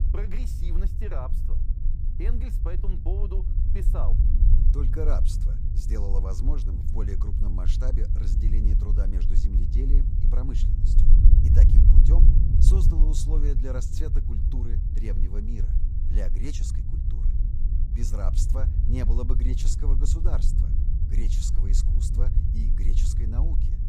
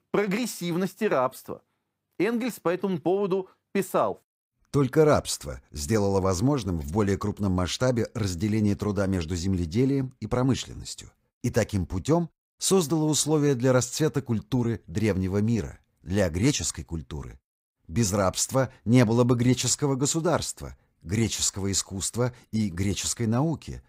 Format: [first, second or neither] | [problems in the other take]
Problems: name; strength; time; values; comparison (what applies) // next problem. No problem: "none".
second | low rumble; loud; throughout; 2 dB below the speech